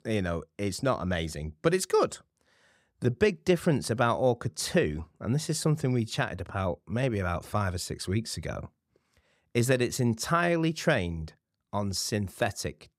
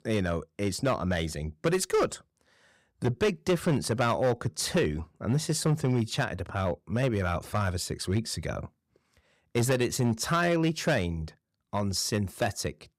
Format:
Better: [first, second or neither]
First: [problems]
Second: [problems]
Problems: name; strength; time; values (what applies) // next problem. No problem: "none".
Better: first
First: none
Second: distortion; slight; 5% of the sound clipped